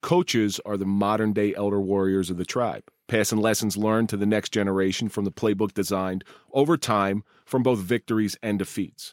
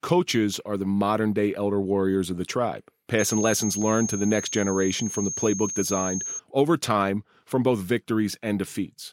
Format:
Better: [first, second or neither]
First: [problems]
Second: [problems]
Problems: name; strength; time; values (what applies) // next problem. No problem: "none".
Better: first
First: none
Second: high-pitched whine; loud; from 3 to 6.5 s; 6.5 kHz, 5 dB below the speech